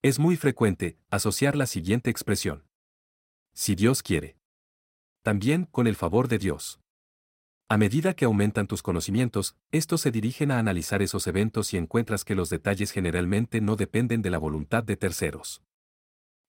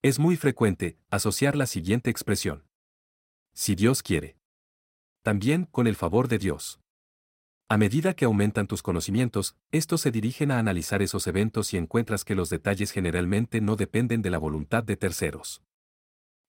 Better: neither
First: none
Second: none

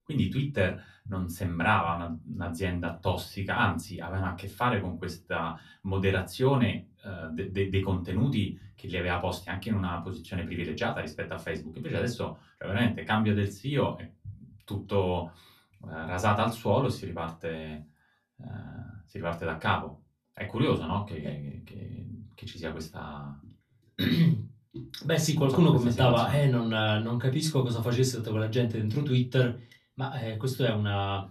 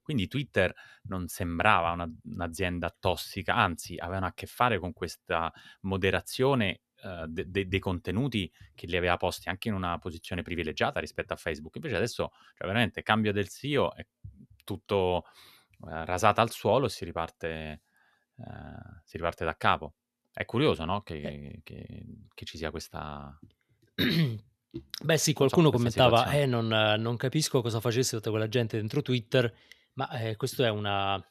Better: second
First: off-mic speech; far // room echo; very slight; dies away in 0.2 s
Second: none

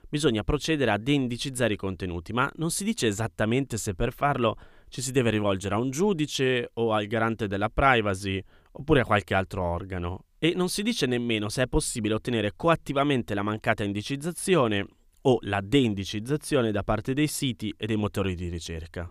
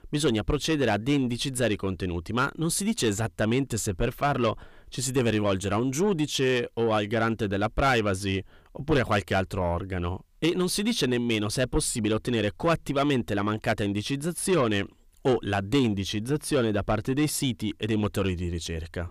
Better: first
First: none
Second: distortion; slight; 10 dB below the speech

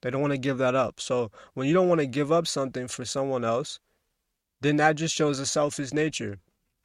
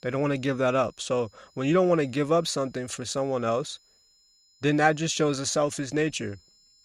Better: first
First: none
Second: high-pitched whine; faint; throughout; 5 kHz, 35 dB below the speech

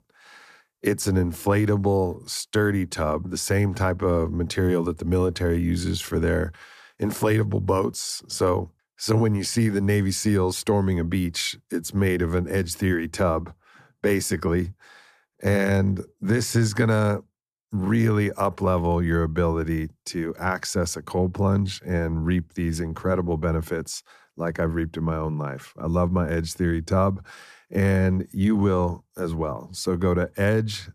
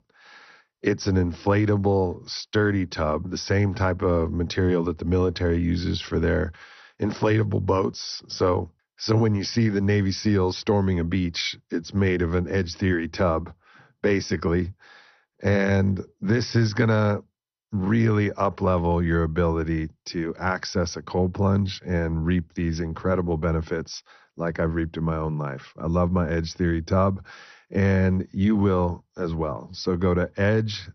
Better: first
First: none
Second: garbled, watery; slightly; nothing above 6 kHz

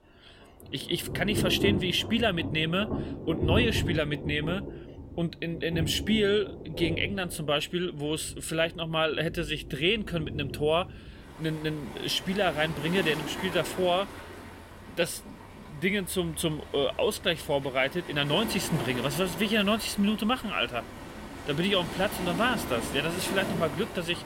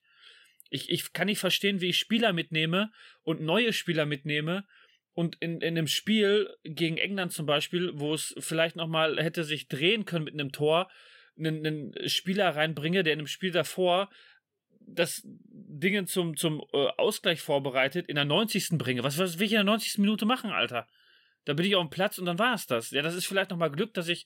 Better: second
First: rain or running water; loud; throughout; 8 dB below the speech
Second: none

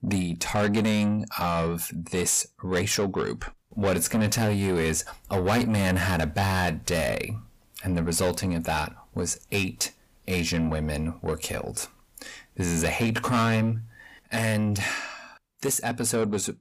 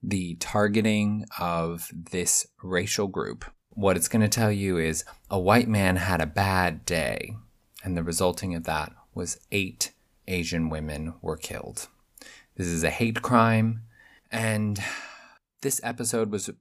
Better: second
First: distortion; heavy; 8 dB below the speech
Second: none

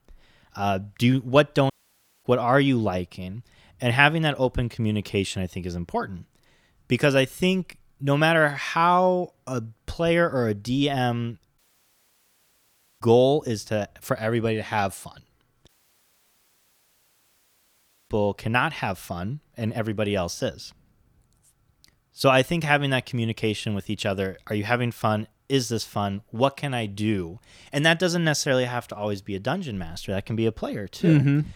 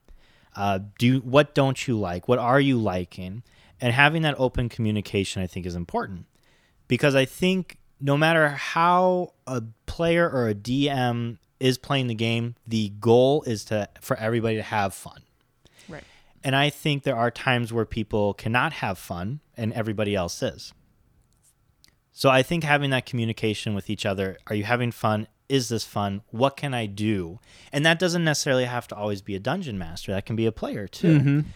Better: second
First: audio cutting out; at 1.5 s for 0.5 s, at 12 s for 1.5 s and at 16 s for 2.5 s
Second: none

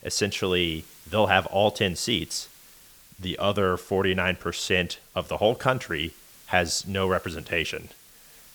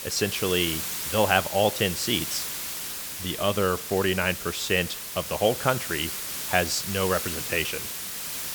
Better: first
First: hiss; faint; throughout; 25 dB below the speech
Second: hiss; loud; throughout; 5 dB below the speech

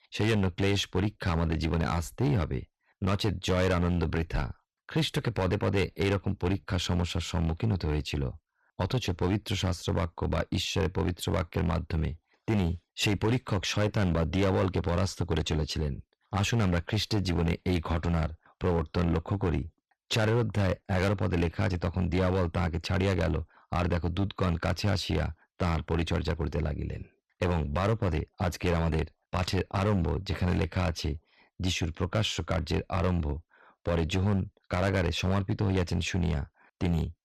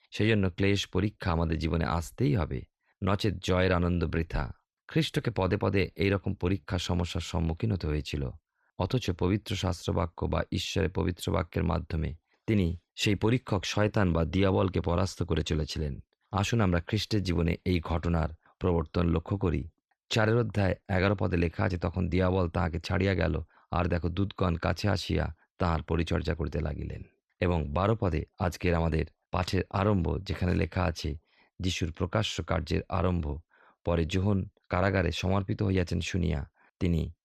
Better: second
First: distortion; slight; 8% of the sound clipped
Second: none

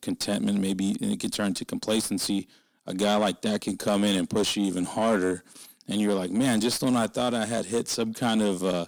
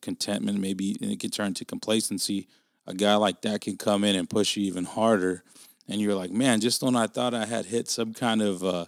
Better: second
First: distortion; slight; 10 dB below the speech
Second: none

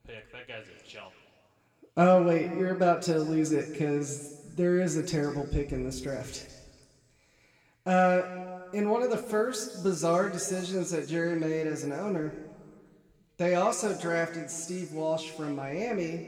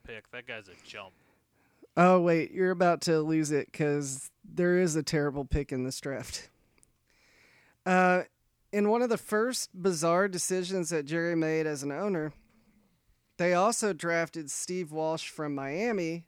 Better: second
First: room echo; slight; dies away in 1.5 s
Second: none

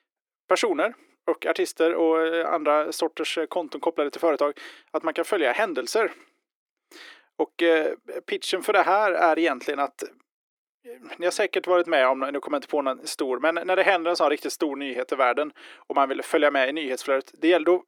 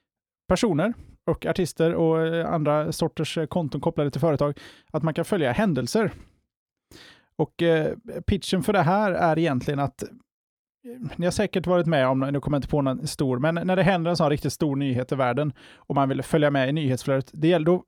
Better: second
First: thin; very; fading below 350 Hz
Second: none

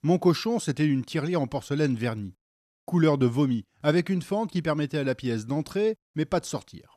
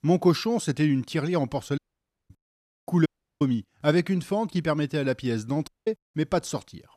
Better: first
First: none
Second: audio cutting out; at 2 s for 0.5 s, at 3 s and at 5.5 s

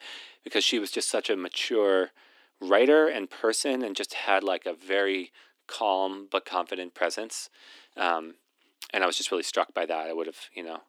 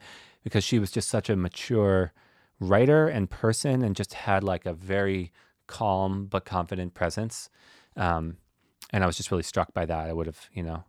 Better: second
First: thin; somewhat; fading below 250 Hz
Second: none

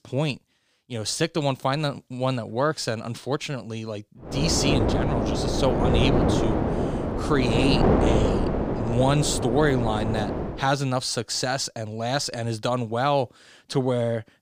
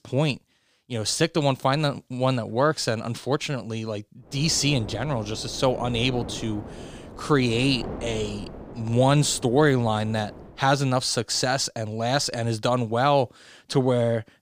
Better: second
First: wind noise on the microphone; heavy; from 4.5 to 11 s; as loud as the speech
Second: wind noise on the microphone; occasional gusts; from 4.5 to 11 s; 15 dB below the speech

